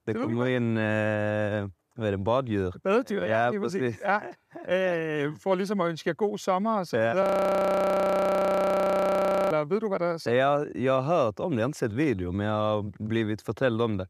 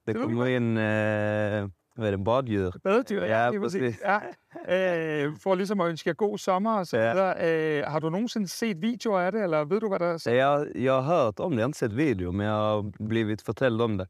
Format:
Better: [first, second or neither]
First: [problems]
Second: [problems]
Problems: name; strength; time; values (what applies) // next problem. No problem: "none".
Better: second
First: audio freezing; at 7 s for 2.5 s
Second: none